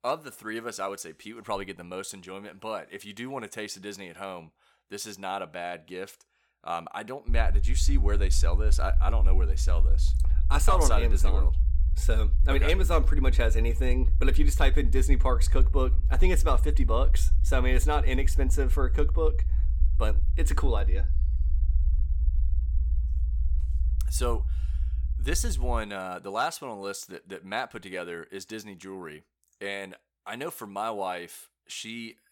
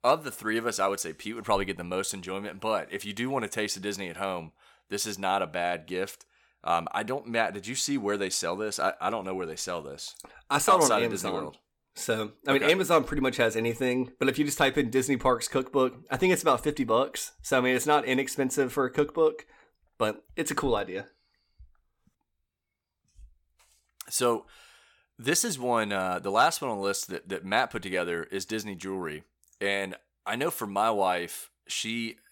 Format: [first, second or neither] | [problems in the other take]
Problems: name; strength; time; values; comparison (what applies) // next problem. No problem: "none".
second | low rumble; noticeable; from 7.5 to 26 s; 15 dB below the speech